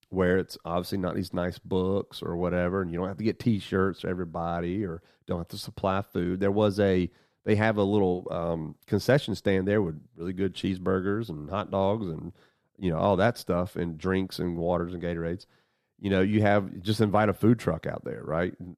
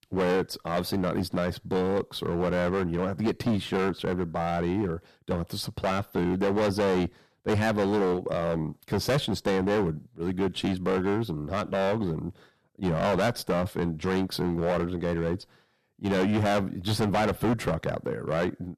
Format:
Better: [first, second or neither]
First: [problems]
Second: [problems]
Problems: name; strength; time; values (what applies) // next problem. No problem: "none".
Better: first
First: none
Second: distortion; heavy; 14% of the sound clipped